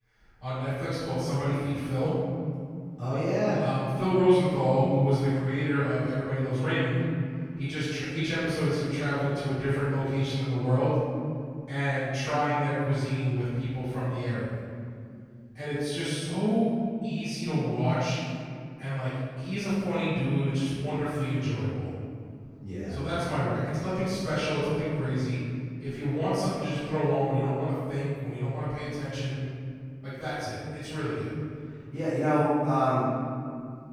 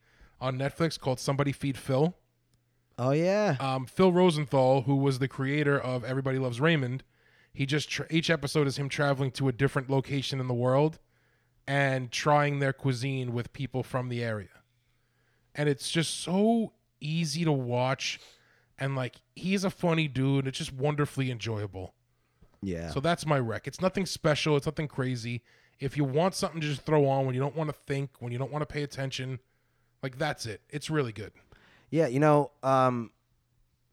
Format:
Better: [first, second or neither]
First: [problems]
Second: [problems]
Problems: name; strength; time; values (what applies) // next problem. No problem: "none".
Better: second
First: room echo; strong; dies away in 2.5 s // off-mic speech; far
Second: none